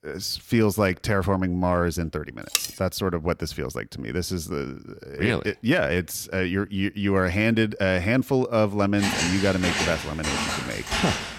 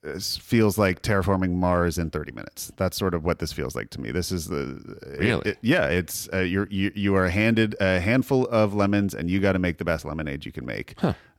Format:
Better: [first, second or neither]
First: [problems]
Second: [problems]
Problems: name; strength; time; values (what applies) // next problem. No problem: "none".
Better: second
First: clattering dishes; noticeable; at 2.5 s; peak 1 dB below the speech // footsteps; loud; from 9 s on; peak level with the speech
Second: none